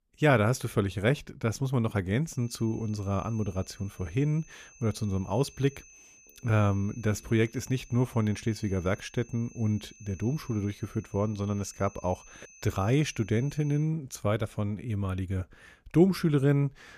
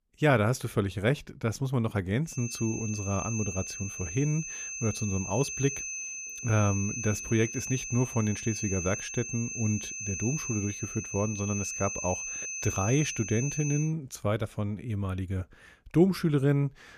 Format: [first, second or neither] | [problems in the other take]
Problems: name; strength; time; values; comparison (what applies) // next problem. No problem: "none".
first | high-pitched whine; loud; from 2.5 to 14 s; 6 kHz, 5 dB below the speech; faint in the first